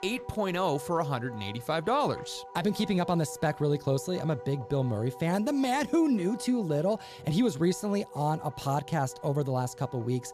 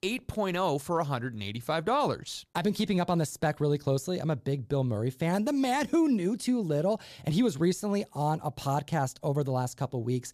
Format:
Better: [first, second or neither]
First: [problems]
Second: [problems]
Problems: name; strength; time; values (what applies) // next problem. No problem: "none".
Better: second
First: background music; noticeable; throughout; 15 dB below the speech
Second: none